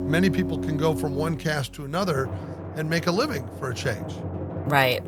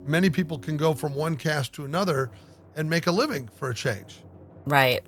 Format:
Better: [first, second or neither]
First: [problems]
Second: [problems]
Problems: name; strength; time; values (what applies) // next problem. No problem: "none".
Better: second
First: background music; loud; throughout; 7 dB below the speech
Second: background music; faint; throughout; 25 dB below the speech